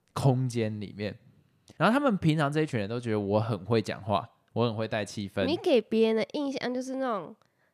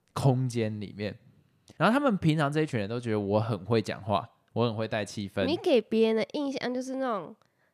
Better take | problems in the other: neither | none

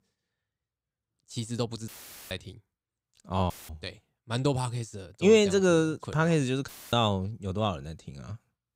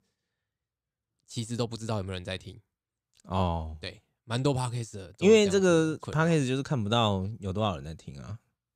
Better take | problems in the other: second | audio cutting out; filled with static; at 2 s, at 3.5 s and at 6.5 s

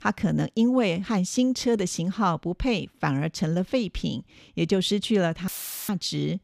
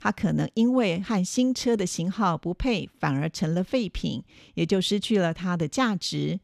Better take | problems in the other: second | audio cutting out; filled with static; at 5.5 s

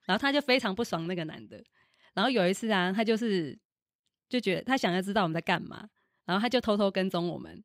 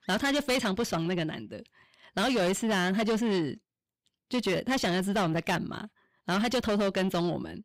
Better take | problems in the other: first | distortion; heavy; 7 dB below the speech

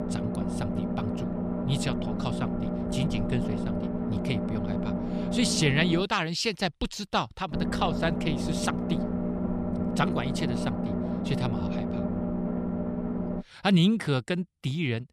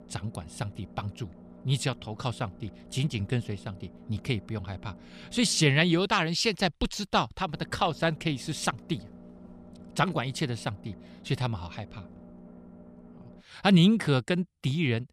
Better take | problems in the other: second | low rumble; loud; until 6 s and from 7.5 to 13 s; 4 dB below the speech; faint in the second

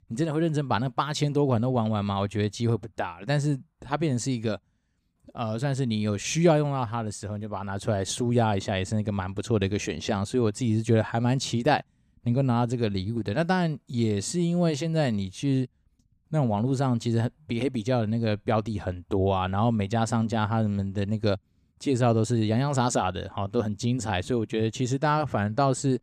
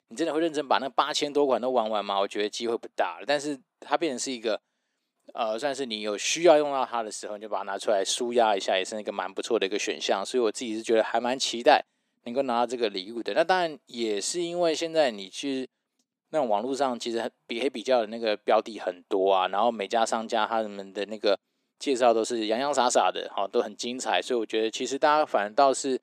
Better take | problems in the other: first | thin; very; fading below 300 Hz

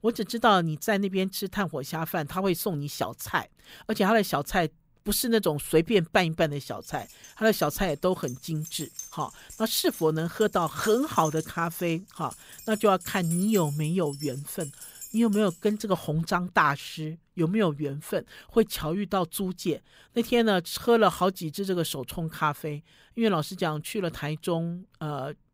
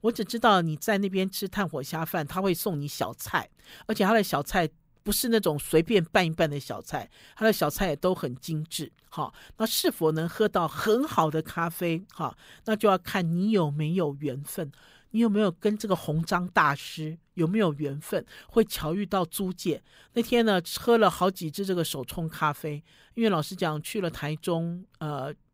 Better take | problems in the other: second | jangling keys; noticeable; from 7 to 16 s; peak 7 dB below the speech

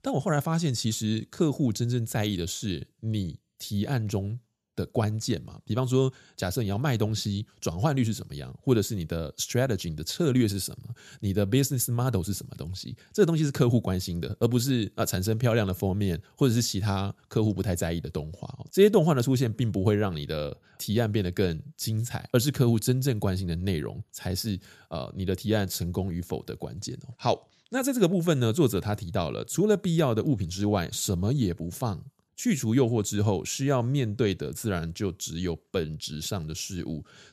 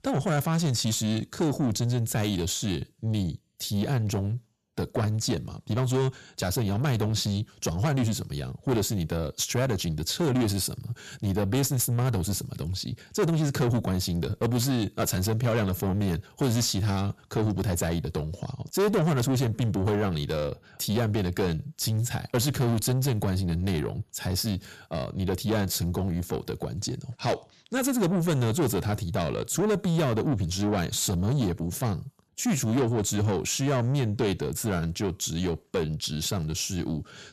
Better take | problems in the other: first | distortion; heavy; 8 dB below the speech

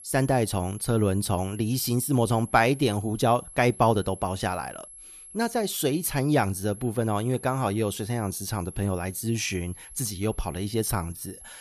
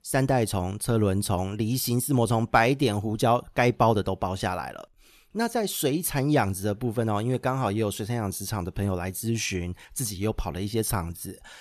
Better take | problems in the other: second | high-pitched whine; noticeable; throughout; 11 kHz, 15 dB below the speech

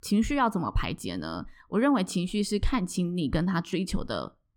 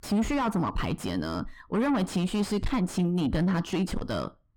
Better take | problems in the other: first | distortion; heavy; 7 dB below the speech

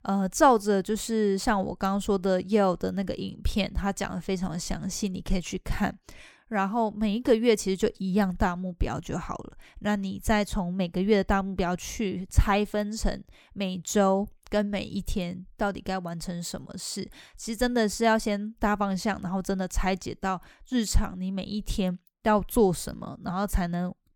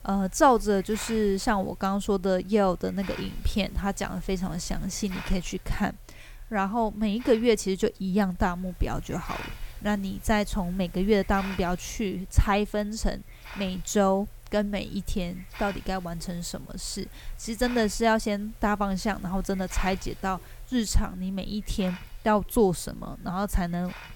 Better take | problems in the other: first | hiss; noticeable; throughout; 15 dB below the speech

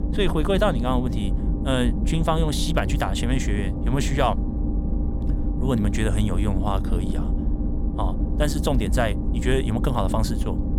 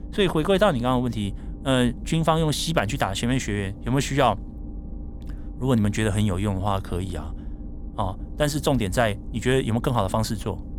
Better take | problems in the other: second | low rumble; loud; throughout; 9 dB below the speech; faint in the second

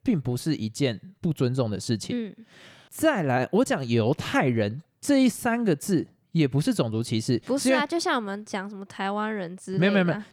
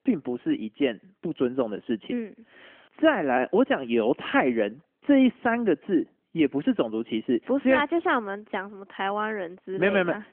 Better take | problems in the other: first | phone-call audio; nothing above 3.5 kHz

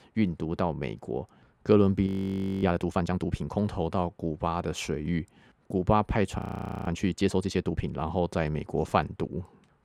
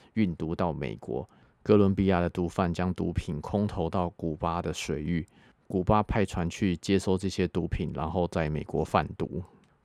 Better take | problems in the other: second | audio freezing; at 2 s for 0.5 s and at 6.5 s

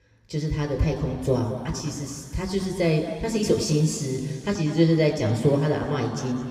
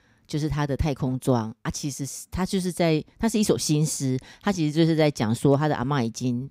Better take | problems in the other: second | room echo; noticeable; dies away in 2.4 s // off-mic speech; somewhat distant

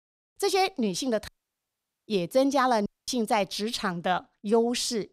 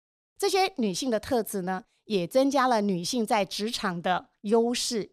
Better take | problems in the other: second | audio cutting out; at 1.5 s for 1 s and at 3 s

